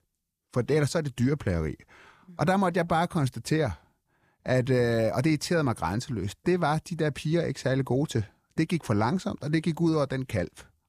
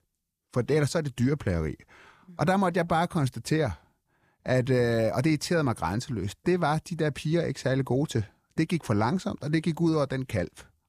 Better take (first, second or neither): neither